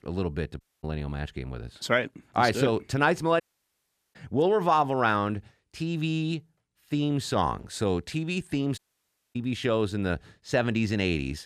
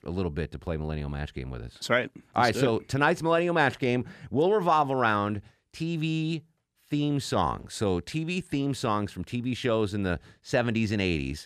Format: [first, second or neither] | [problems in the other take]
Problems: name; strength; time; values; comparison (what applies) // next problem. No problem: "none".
second | audio cutting out; at 0.5 s, at 3.5 s for 1 s and at 9 s for 0.5 s